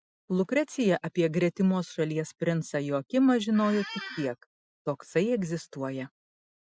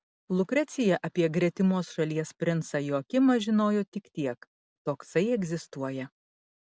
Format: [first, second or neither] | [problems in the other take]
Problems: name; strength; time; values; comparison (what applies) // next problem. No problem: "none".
second | noise reduction (classical method Wiener filter)